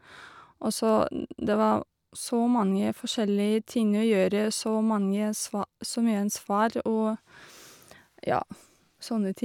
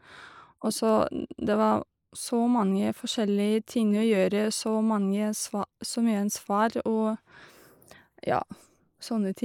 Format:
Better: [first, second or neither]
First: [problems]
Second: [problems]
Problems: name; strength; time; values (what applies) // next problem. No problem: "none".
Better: first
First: none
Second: noise reduction (neural mask model Resemble Enhance denoiser)